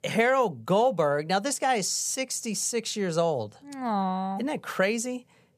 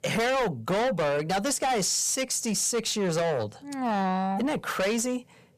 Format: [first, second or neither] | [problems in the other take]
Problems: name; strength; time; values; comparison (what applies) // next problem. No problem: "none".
first | distortion; heavy; 6 dB below the speech